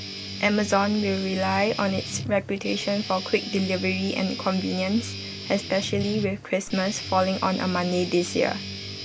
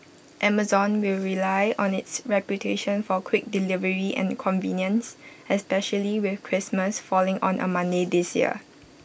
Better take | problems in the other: second | background sound (Guitar); 9 dB below the speech

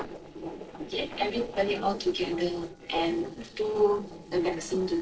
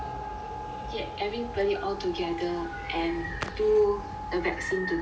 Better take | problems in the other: second | noise reduction (neural separator model SepFormer DNS4)

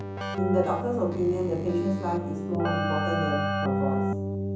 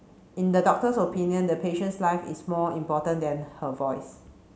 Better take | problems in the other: second | background sound (Keyboard (musical)); 1 dB above the speech // room echo; dies away in 0.7 s

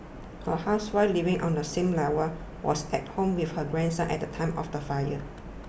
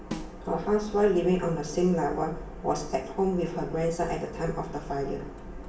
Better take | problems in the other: first | background sound (Snare drum); 14 dB below the speech // room echo; dies away in 0.8 s

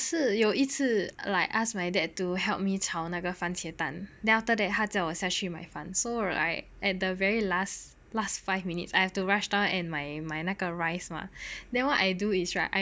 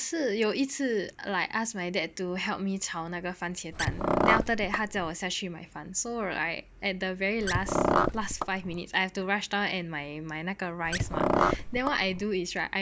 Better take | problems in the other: first | background sound (Car); 3 dB above the speech

